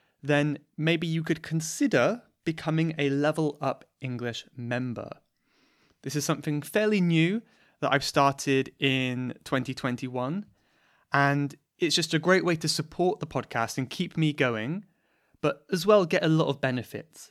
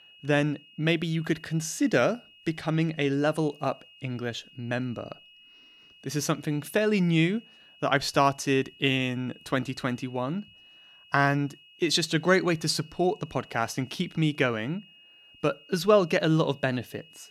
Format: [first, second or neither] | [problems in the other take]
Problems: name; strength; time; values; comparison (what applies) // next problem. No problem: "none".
first | high-pitched whine; faint; throughout; 3 kHz, 25 dB below the speech